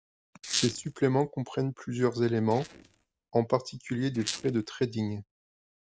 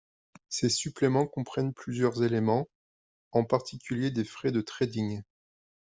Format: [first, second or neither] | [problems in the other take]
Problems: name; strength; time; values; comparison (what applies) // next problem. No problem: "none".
second | noise reduction (neural mask model RNNoise)